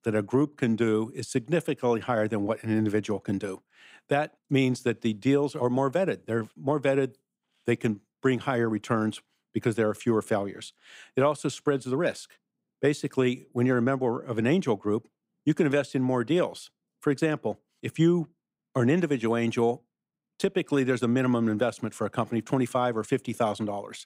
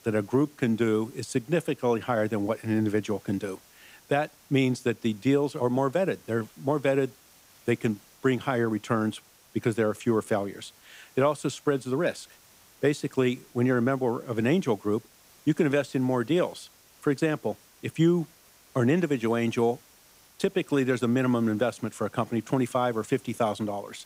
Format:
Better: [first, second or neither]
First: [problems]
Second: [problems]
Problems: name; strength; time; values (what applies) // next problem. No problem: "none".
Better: first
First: none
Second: hiss; faint; throughout; 25 dB below the speech